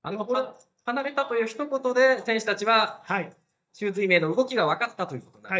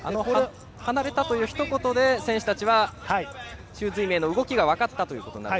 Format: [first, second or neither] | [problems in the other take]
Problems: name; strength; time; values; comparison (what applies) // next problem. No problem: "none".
second | noise reduction (neural mask model DeepFilterNet 3)